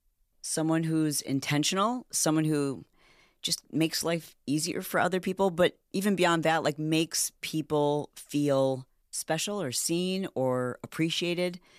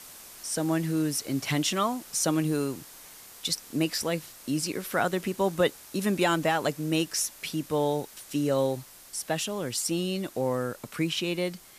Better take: first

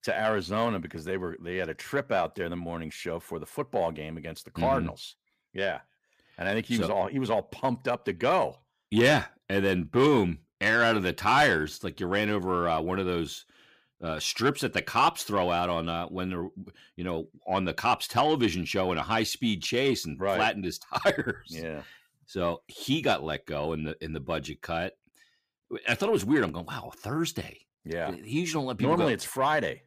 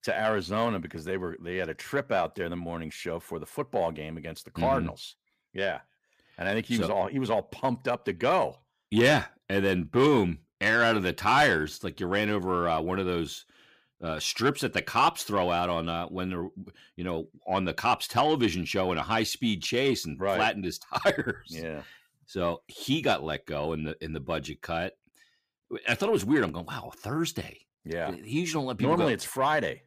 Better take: neither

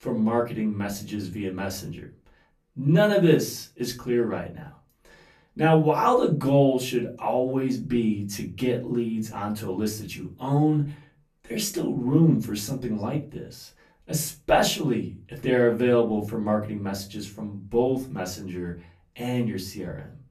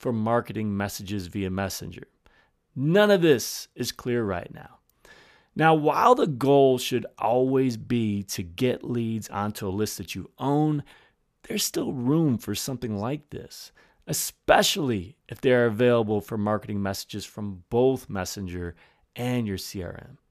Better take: second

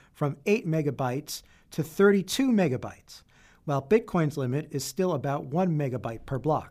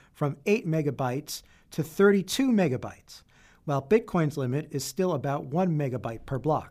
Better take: neither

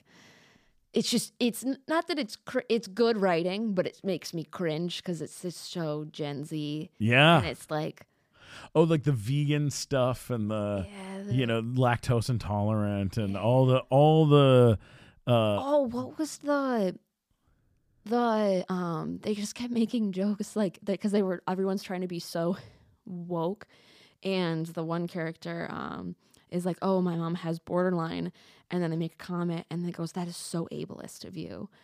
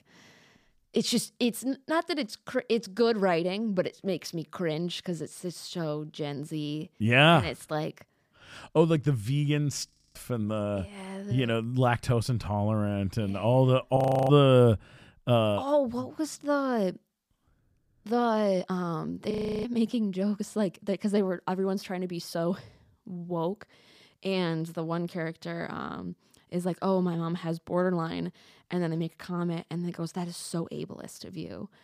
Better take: first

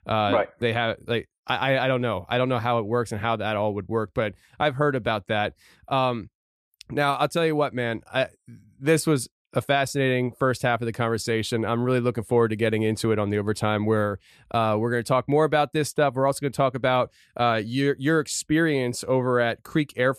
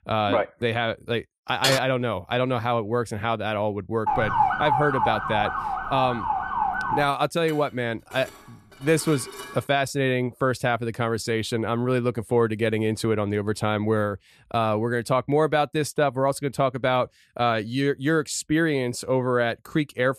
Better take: first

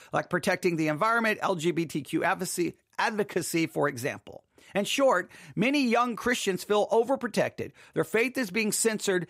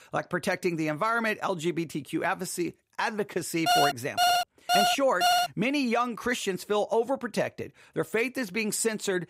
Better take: first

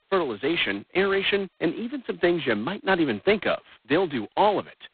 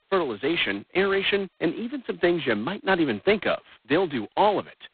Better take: neither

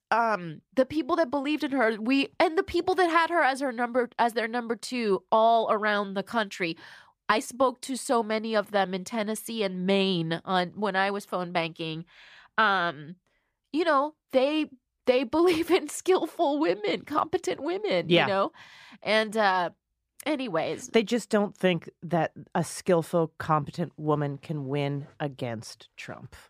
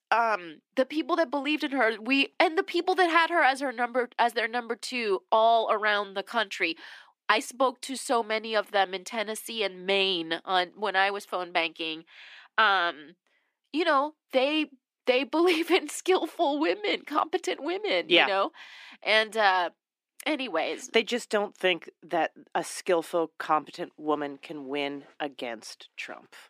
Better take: first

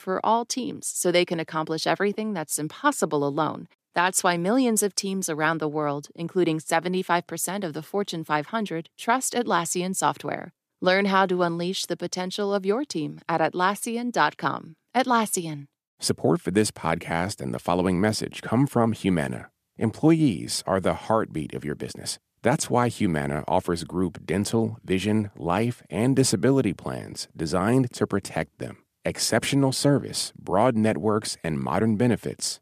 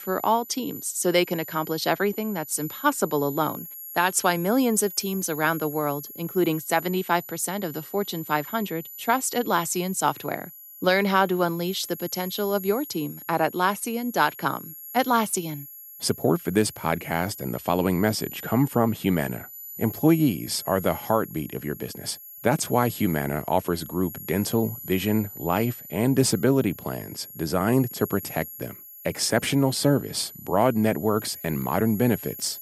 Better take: first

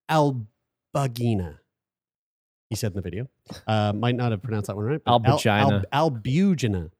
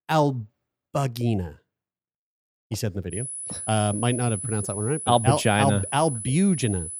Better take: first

